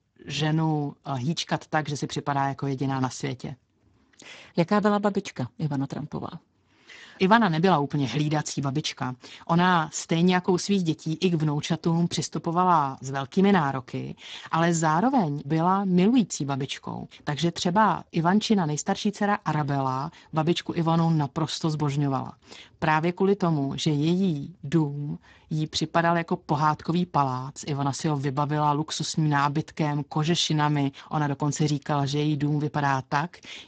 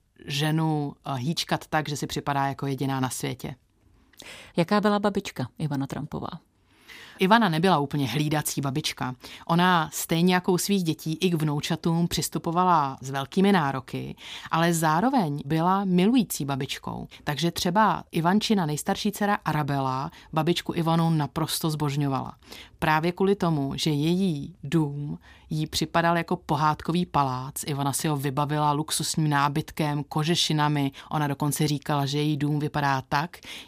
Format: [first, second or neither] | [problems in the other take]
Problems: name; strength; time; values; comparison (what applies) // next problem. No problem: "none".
second | garbled, watery; badly; nothing above 7.5 kHz